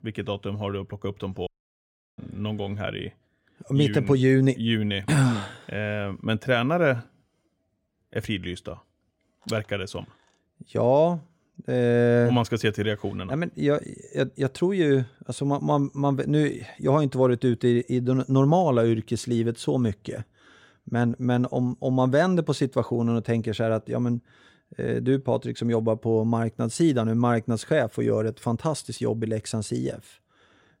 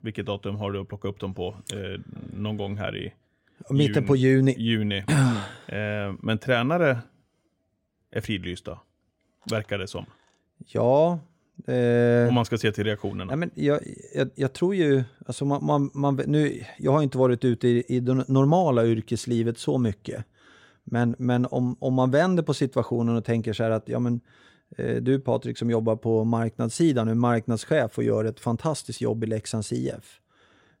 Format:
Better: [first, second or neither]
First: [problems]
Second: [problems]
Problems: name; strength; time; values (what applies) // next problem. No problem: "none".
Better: second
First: audio cutting out; at 1.5 s for 0.5 s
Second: none